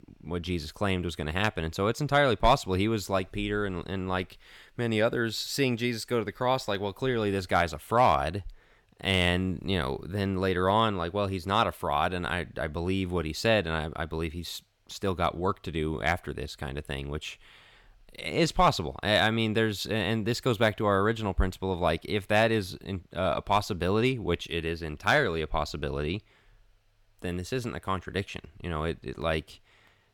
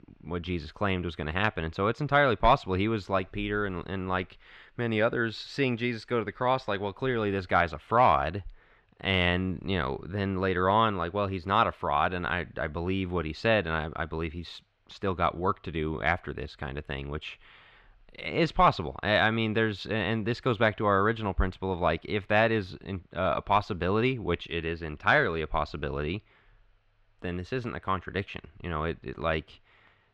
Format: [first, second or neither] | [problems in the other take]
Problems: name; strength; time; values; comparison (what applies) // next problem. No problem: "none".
first | muffled; slightly; fading above 3 kHz